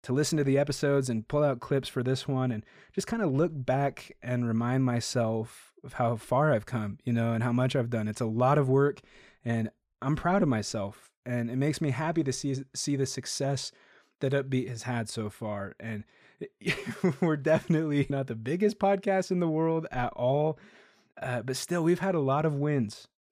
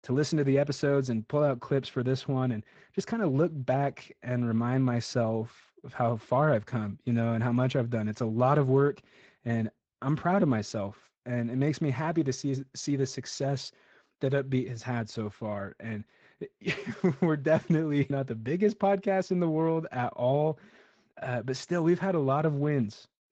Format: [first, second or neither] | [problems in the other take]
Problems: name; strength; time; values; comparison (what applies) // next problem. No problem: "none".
first | garbled, watery; slightly; nothing above 7.5 kHz